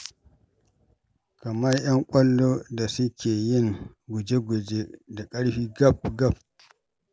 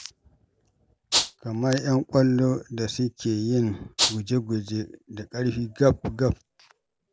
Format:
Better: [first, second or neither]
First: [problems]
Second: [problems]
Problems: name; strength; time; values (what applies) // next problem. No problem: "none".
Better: first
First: none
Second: background sound (Rattle (instrument)); 2 dB above the speech